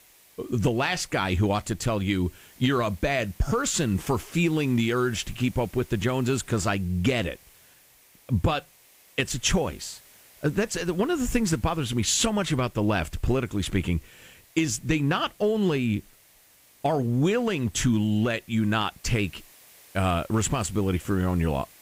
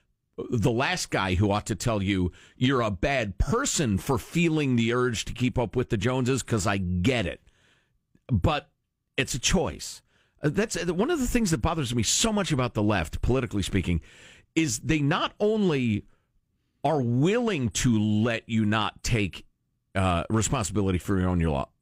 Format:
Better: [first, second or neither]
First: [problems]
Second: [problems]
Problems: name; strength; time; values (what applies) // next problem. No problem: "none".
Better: second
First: hiss; faint; throughout; 25 dB below the speech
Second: none